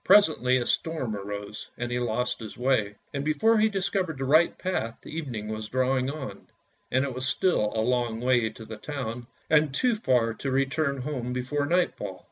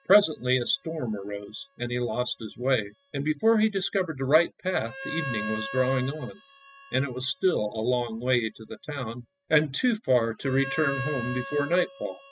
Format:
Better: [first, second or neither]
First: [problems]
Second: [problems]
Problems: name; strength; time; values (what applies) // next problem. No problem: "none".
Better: first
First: none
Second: noise reduction (classical method spectral subtraction)